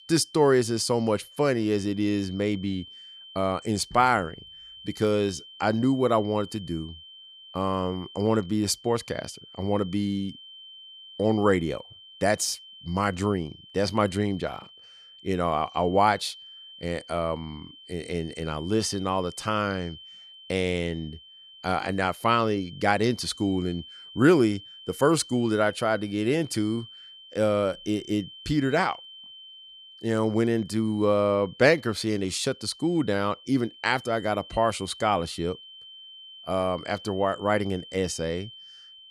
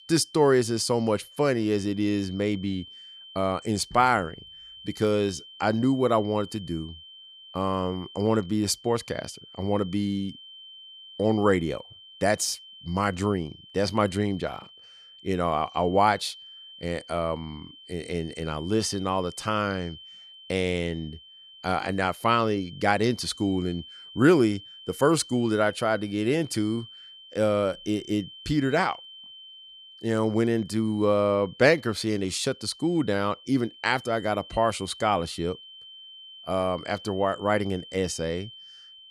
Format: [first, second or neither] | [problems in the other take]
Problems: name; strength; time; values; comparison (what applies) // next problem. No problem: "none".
neither | high-pitched whine; noticeable; throughout; 3 kHz, 20 dB below the speech; the same in both